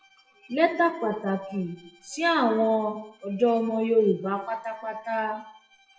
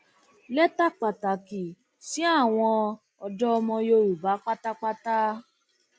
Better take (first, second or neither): second